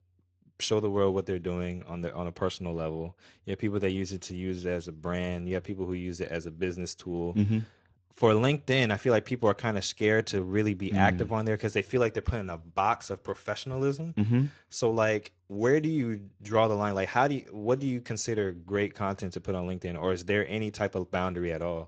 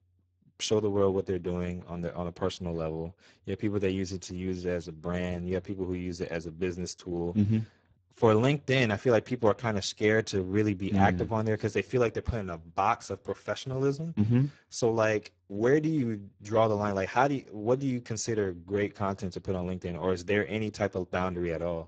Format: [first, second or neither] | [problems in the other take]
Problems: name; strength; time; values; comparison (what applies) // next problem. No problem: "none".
first | garbled, watery; badly; nothing above 7.5 kHz; slightly in the first